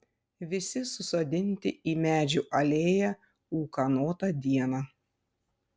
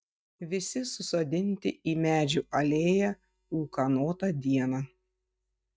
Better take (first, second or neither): first